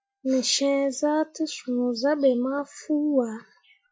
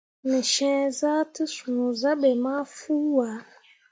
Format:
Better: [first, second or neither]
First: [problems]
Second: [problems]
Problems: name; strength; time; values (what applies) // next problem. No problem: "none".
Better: second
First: noise reduction (classical method Wiener filter)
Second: none